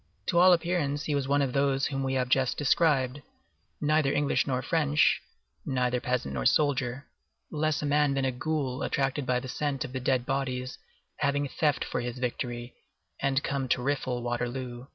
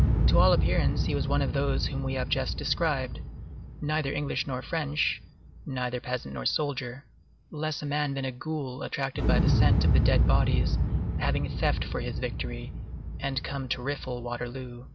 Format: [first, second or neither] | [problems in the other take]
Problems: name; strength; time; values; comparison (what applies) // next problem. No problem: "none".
first | background sound (Explosion); 3 dB above the speech